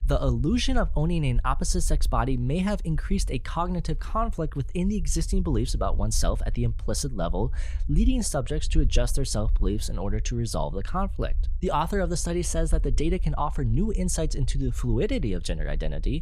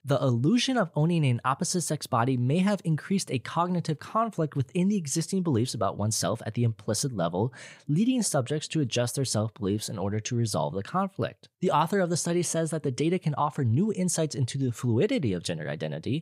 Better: second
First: low rumble; faint; throughout; 25 dB below the speech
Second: none

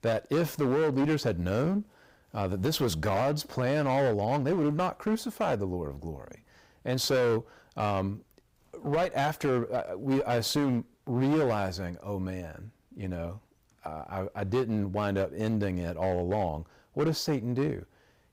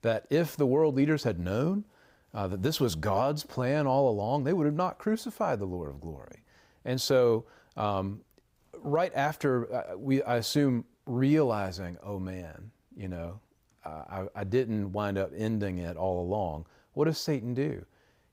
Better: second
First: distortion; slight; 11% of the sound clipped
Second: none

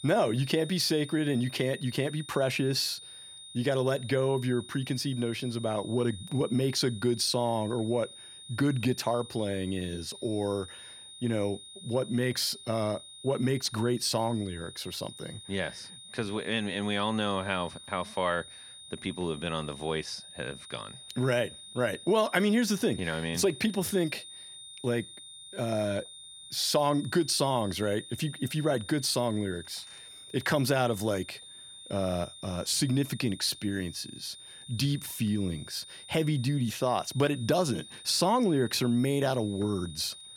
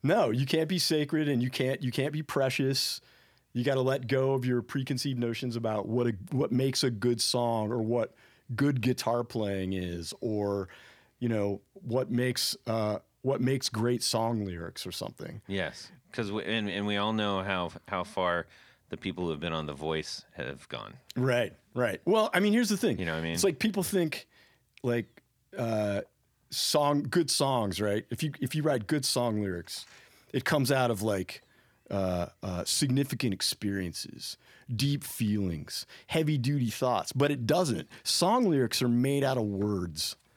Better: second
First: high-pitched whine; noticeable; throughout; 3.5 kHz, 15 dB below the speech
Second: none

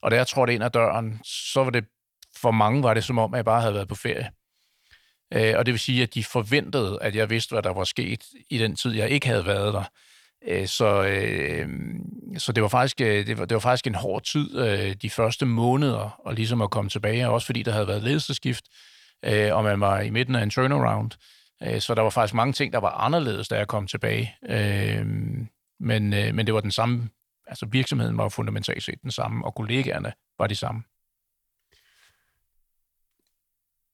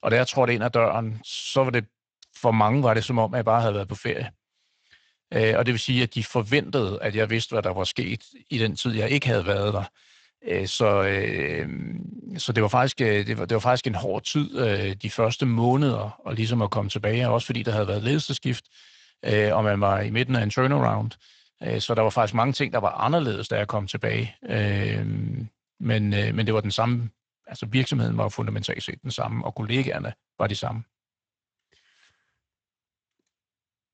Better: first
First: none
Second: garbled, watery; slightly; nothing above 7.5 kHz

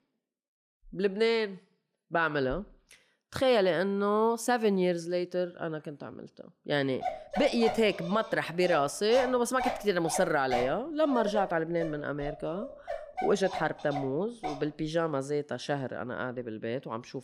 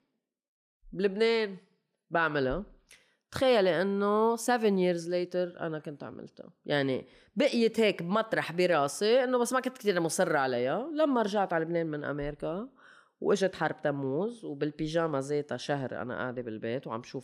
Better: second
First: dog barking; noticeable; from 7 to 15 s; peak 5 dB below the speech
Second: none

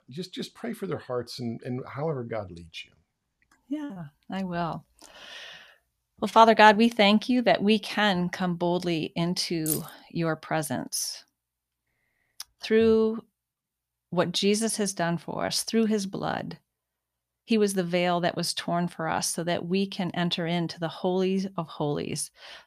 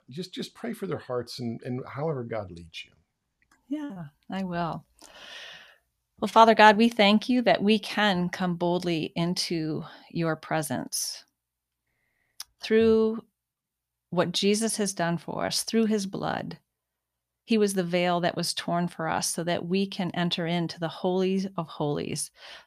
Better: second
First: jangling keys; noticeable; at 9.5 s; peak 5 dB below the speech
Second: none

